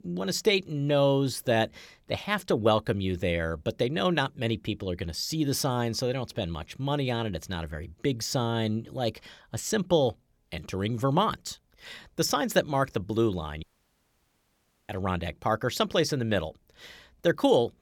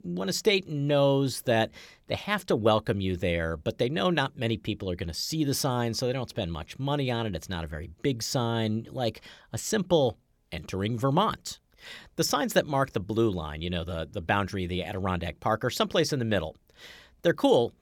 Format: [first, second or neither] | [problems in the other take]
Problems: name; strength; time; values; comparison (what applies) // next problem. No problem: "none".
second | audio cutting out; at 14 s for 1.5 s